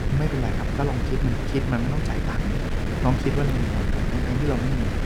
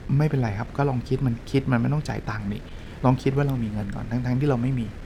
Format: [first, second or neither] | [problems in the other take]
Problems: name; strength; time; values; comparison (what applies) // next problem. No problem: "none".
second | wind noise on the microphone; heavy; as loud as the speech; occasional gusts in the second